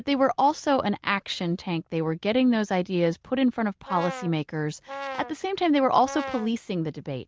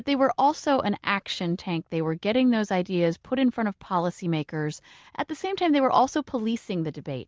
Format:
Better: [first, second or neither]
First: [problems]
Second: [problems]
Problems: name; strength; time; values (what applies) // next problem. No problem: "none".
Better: second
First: background sound (Brass instrument); 12 dB below the speech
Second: none